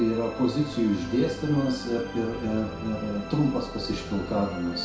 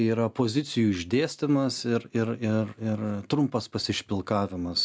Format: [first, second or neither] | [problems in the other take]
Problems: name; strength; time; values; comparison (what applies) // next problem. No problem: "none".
second | background sound (Musical instrument); 10 dB below the speech // room echo; dies away in 0.6 s